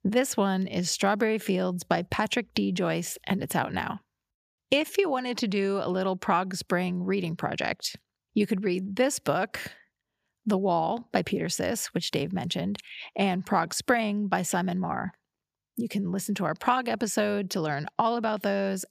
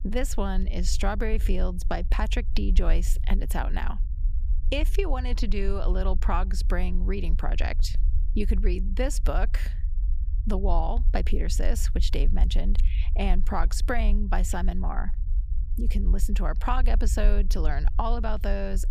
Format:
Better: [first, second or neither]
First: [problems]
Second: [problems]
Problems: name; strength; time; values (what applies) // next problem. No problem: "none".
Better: first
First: none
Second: low rumble; noticeable; throughout; 20 dB below the speech